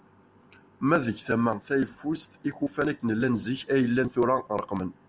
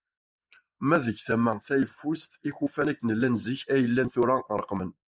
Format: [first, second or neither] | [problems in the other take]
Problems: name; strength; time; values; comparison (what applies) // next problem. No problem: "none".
first | noise reduction (neural mask model Resemble Enhance denoiser)